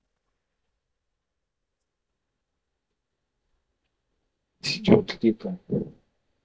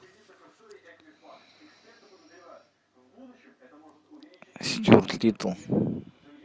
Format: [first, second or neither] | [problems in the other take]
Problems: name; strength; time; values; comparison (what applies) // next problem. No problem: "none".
second | noise reduction (neural mask model DeepFilterNet 3)